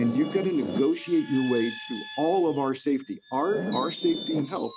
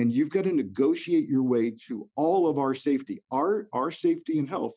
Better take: second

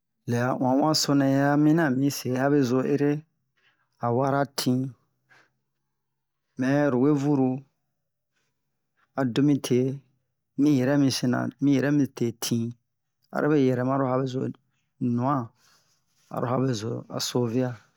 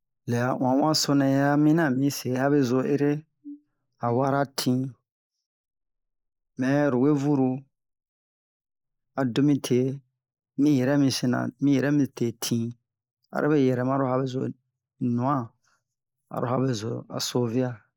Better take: first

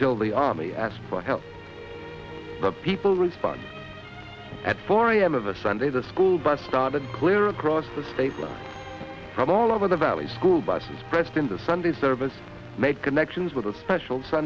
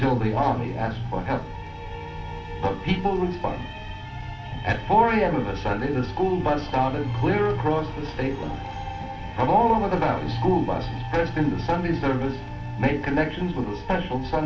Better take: first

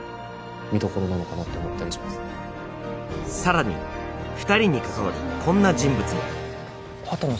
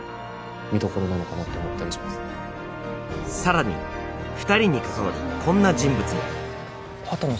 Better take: first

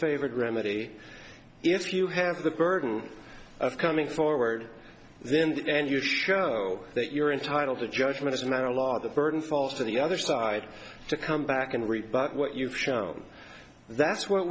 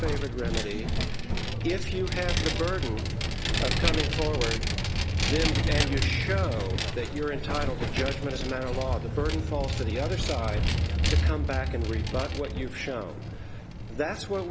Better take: first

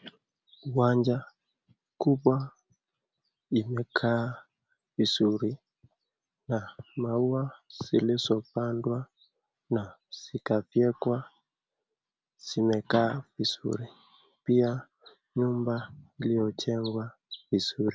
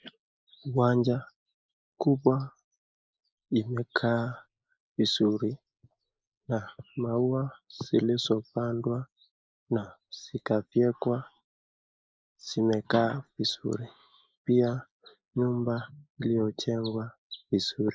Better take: first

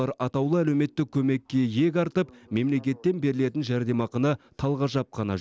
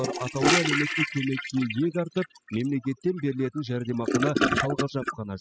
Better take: first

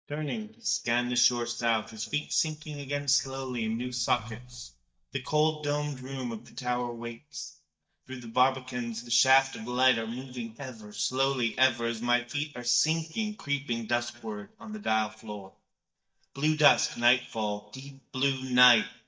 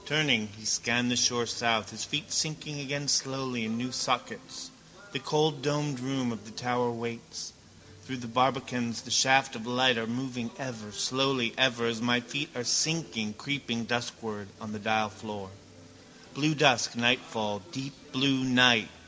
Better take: second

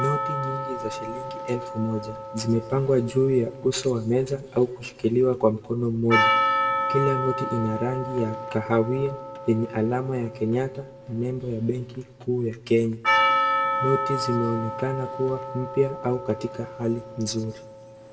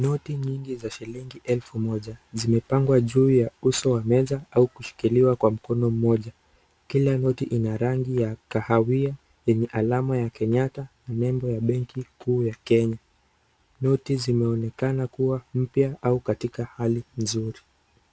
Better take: second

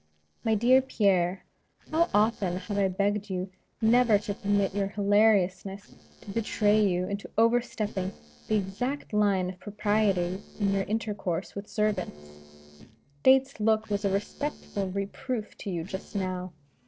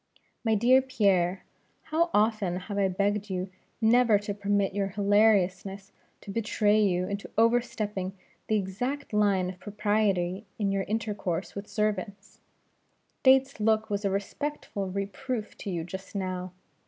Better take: second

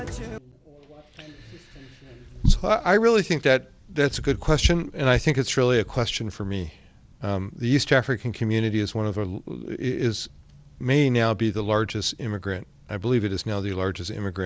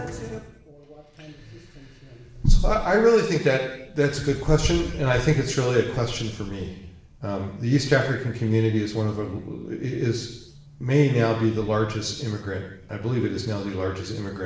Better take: first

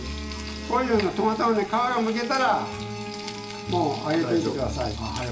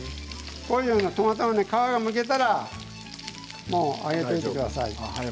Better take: second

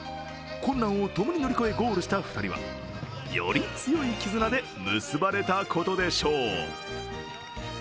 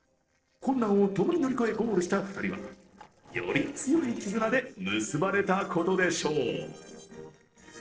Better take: first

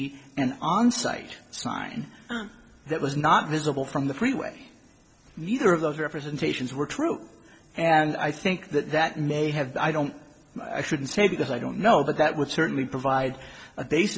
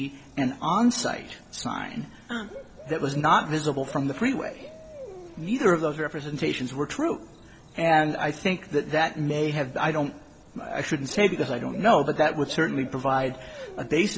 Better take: first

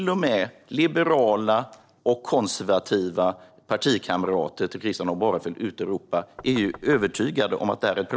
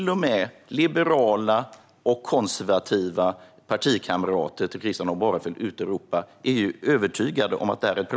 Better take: second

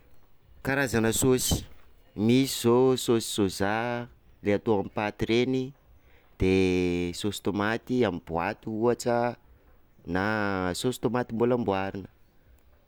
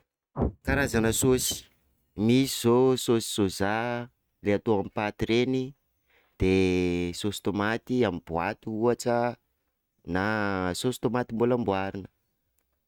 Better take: first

